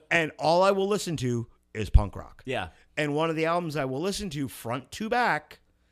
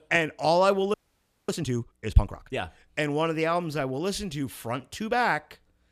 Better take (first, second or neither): first